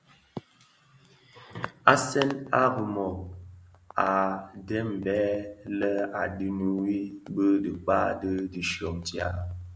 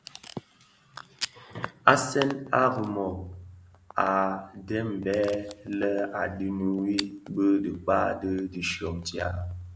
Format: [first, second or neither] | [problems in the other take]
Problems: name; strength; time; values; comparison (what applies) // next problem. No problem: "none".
first | background sound (Packing tape, duct tape / Tearing); 18 dB below the speech